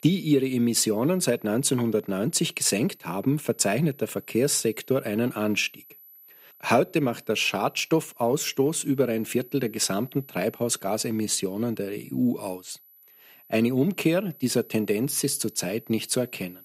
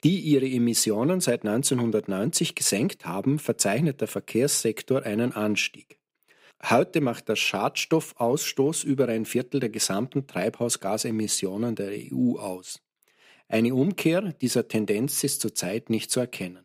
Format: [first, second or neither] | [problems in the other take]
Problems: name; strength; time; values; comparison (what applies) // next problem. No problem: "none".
second | high-pitched whine; faint; throughout; 12 kHz, 25 dB below the speech